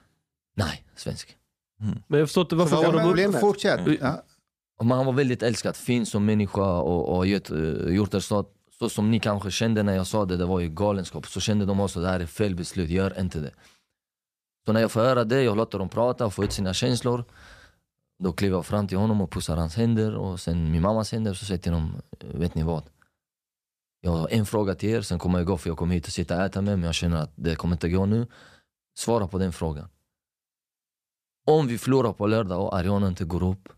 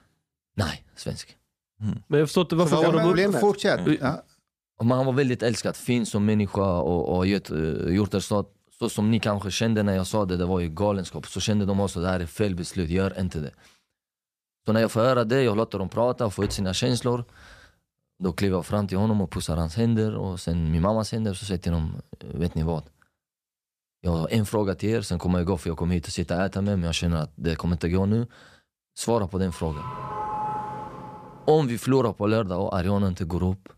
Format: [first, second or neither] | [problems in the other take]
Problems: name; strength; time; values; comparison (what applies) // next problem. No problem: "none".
first | doorbell; noticeable; from 30 to 31 s; peak 4 dB below the speech